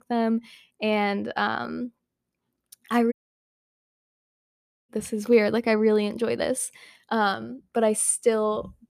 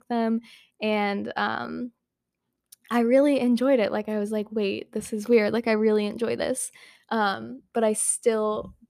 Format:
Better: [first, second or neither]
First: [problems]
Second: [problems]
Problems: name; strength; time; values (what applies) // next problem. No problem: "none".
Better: second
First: audio cutting out; at 3 s for 2 s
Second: none